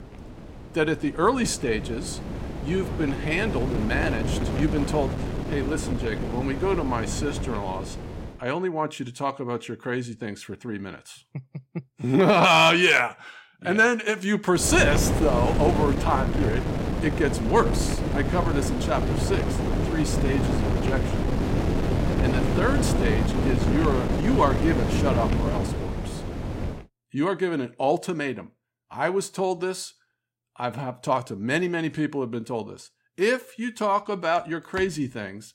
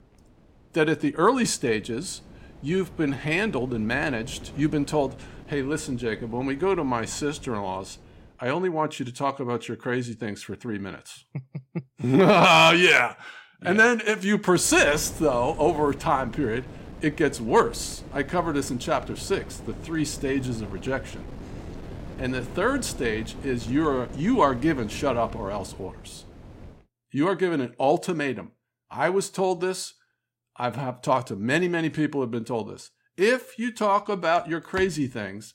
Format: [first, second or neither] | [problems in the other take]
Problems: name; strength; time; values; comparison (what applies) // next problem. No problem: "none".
second | wind noise on the microphone; heavy; until 8.5 s and from 15 to 27 s; 6 dB below the speech; occasional gusts in the second